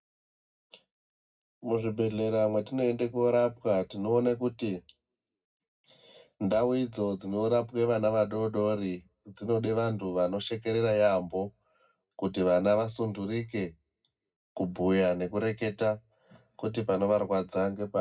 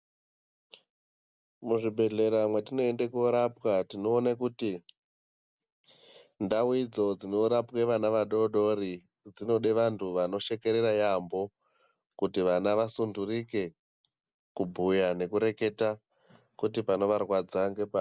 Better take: second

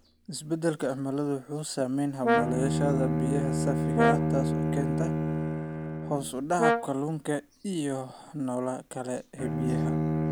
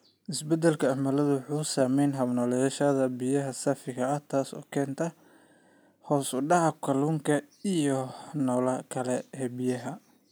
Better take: second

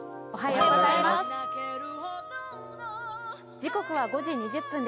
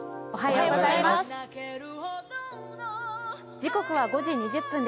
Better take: second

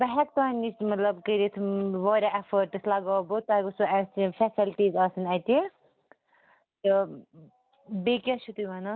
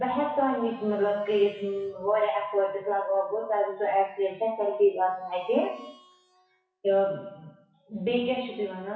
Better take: first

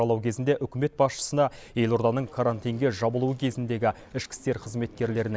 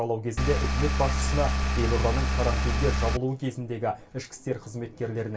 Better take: first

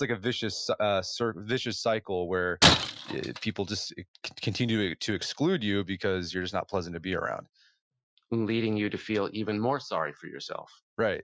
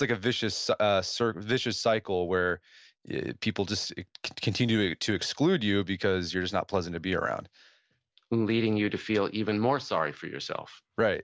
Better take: second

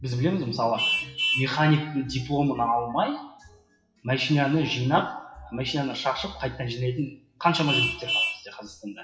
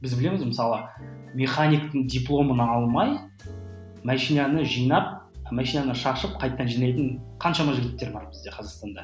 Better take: second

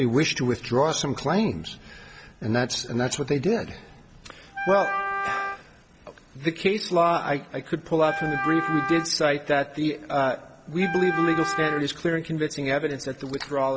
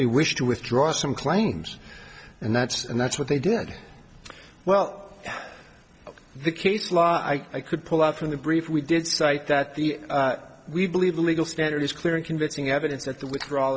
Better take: second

